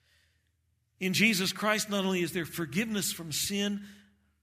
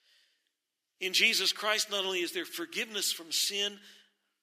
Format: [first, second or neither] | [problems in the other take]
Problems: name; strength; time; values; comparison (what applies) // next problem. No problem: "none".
first | thin; very; fading below 350 Hz